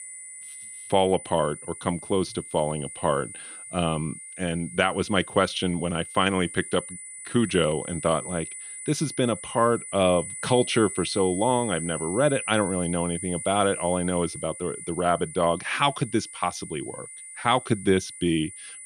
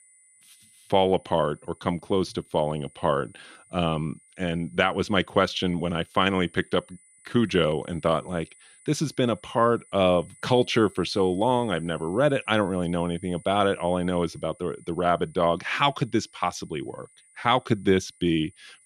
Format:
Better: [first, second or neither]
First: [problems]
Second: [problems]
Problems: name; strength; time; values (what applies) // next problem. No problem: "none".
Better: second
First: high-pitched whine; loud; throughout; 9.5 kHz, 10 dB below the speech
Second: high-pitched whine; faint; throughout; 9.5 kHz, 25 dB below the speech